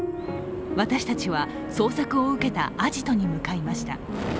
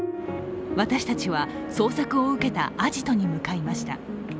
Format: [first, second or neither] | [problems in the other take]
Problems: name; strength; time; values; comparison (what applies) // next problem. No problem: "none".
second | background sound (Fire); 13 dB below the speech